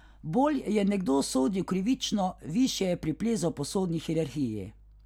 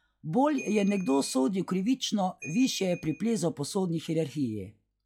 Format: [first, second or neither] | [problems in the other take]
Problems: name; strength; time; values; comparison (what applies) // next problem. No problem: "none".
first | noise reduction (classical method log-MMSE)